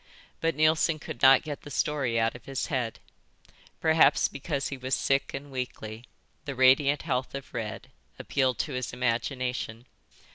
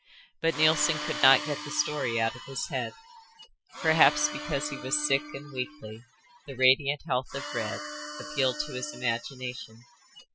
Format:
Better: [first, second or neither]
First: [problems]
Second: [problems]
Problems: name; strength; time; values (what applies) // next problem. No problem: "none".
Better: first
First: none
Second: noise reduction (classical method Wiener filter)